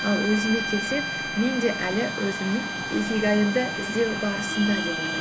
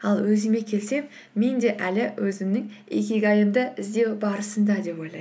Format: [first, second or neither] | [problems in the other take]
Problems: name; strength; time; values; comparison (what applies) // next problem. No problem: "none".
second | background sound (Traffic noise, roadway noise + Bowed string instrument); 4 dB below the speech